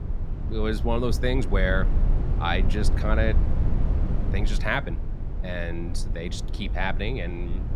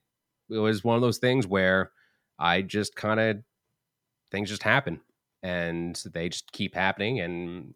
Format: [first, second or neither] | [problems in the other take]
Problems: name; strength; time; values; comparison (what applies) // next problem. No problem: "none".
second | low rumble; noticeable; throughout; 10 dB below the speech